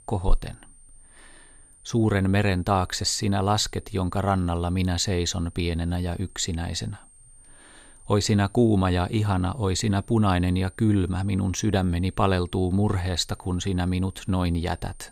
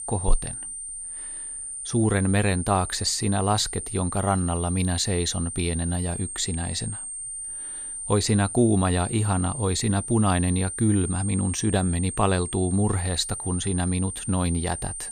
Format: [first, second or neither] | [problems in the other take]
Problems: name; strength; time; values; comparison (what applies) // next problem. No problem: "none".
first | high-pitched whine; loud; throughout; 9 kHz, 7 dB below the speech; faint in the first